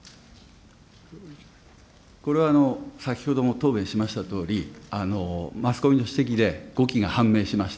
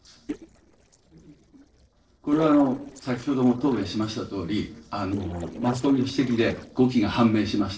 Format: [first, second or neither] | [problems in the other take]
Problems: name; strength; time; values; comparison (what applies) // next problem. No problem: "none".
first | noise reduction (neural separator model SepFormer DNS4)